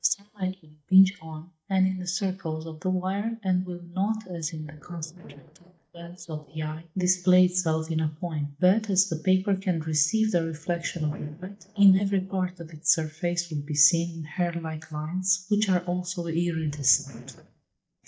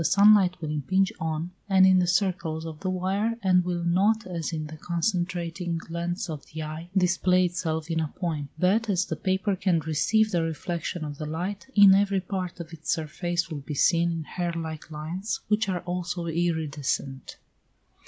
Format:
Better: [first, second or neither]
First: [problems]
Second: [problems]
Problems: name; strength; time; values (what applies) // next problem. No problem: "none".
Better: second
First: noise reduction (neural mask model DeepFilterNet 3)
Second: none